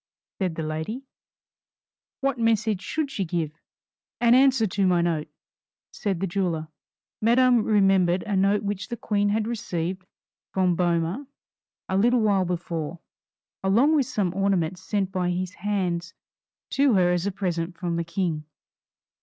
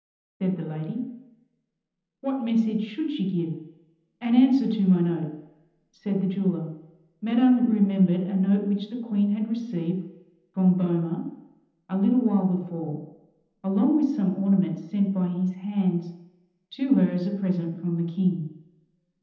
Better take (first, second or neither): first